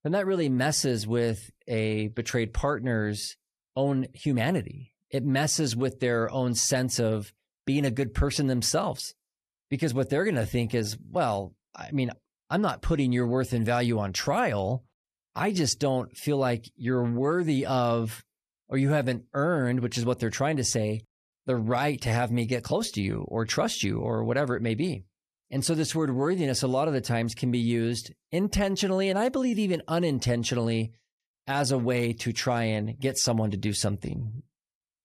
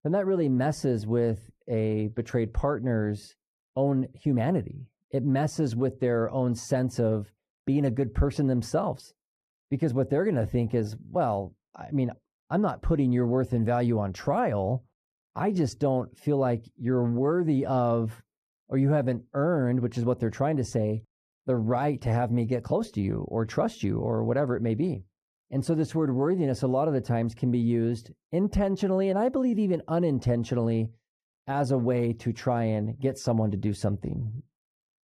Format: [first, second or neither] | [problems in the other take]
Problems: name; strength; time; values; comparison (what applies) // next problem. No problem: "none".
first | muffled; slightly; fading above 1.5 kHz